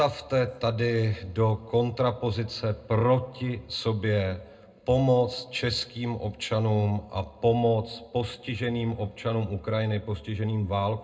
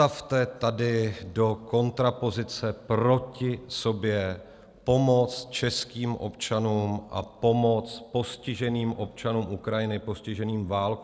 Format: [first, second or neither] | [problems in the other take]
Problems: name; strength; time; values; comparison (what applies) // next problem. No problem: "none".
second | room echo; dies away in 0.2 s